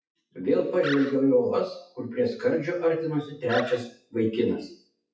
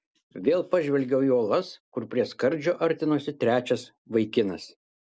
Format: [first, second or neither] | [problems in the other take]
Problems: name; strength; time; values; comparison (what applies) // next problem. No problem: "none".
second | noise reduction (classical method WPE with log-MMSE)